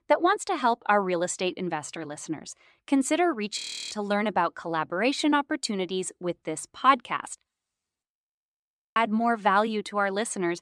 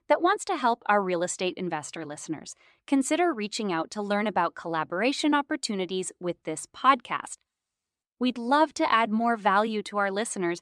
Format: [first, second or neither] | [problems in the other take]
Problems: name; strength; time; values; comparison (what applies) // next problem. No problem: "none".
second | audio freezing; at 3.5 s and at 8 s for 1 s